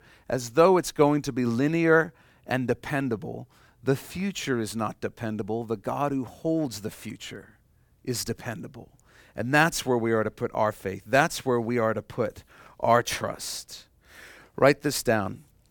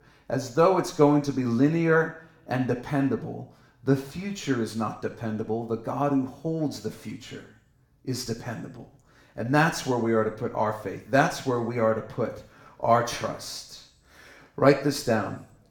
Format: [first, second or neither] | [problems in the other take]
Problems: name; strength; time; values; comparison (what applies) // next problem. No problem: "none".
first | room echo; slight; dies away in 0.5 s // off-mic speech; somewhat distant